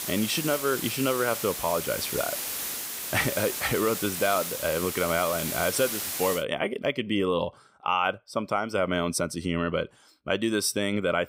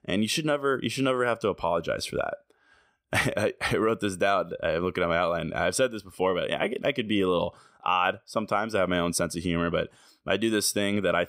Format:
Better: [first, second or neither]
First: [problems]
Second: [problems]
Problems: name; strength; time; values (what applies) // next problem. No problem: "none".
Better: second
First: hiss; loud; until 6.5 s; 3 dB below the speech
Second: none